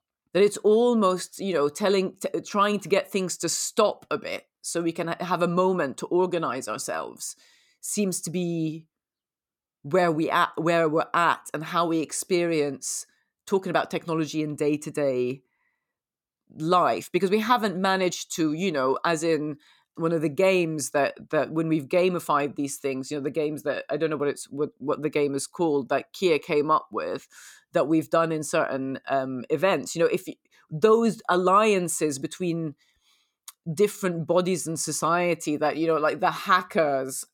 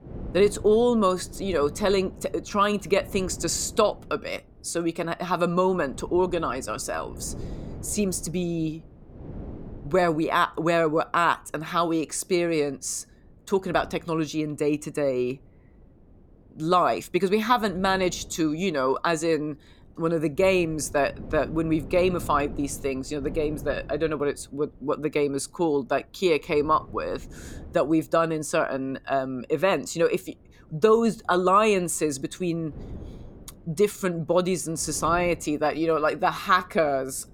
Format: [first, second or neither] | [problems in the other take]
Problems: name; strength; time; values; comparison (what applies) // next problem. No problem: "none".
first | wind noise on the microphone; occasional gusts; 25 dB below the speech